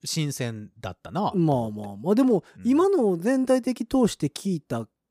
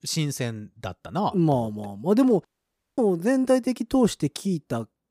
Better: first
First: none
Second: audio cutting out; at 2.5 s for 0.5 s

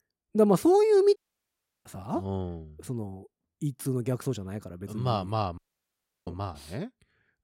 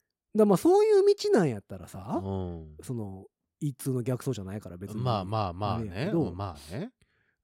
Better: second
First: audio cutting out; at 1 s for 0.5 s and at 5.5 s for 0.5 s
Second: none

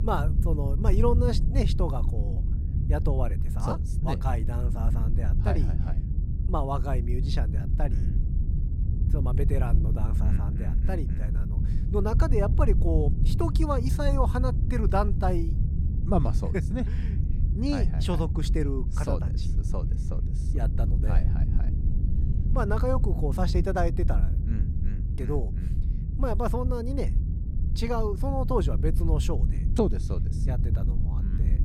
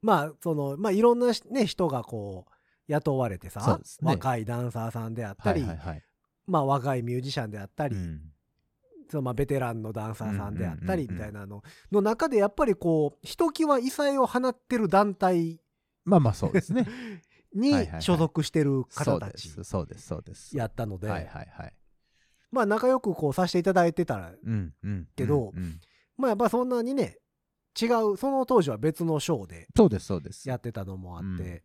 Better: second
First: low rumble; loud; throughout; 10 dB below the speech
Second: none

